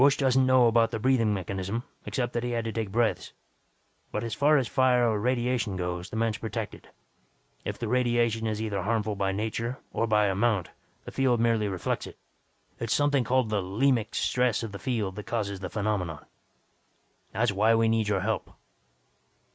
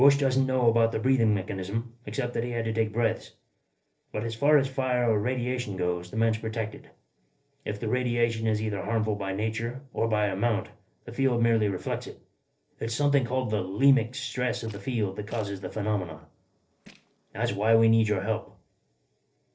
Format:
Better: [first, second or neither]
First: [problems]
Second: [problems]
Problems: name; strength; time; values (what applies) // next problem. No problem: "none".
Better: first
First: none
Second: noise reduction (neural separator model SepFormer DNS4)